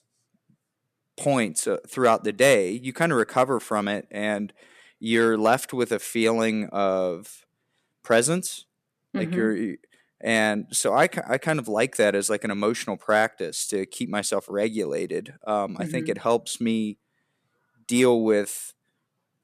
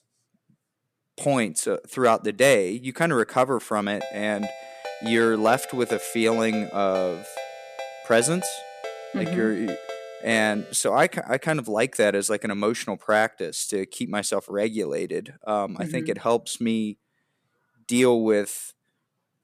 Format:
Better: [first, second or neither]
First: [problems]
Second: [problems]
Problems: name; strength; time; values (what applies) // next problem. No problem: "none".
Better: first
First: none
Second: phone ringing; faint; from 4 to 11 s; peak 10 dB below the speech